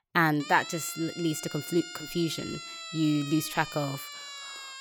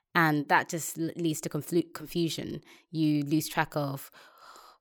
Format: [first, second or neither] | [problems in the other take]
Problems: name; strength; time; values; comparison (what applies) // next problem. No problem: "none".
second | siren; noticeable; peak 9 dB below the speech